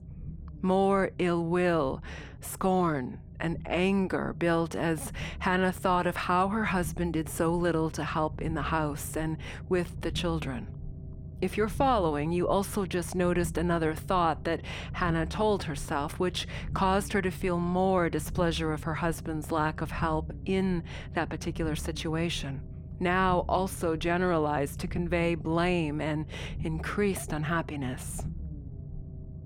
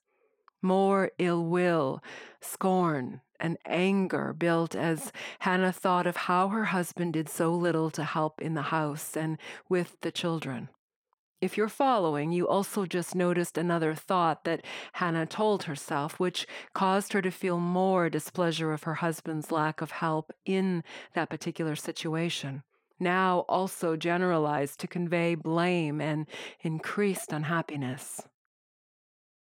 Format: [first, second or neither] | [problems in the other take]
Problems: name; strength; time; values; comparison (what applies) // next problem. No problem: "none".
second | low rumble; faint; throughout; 20 dB below the speech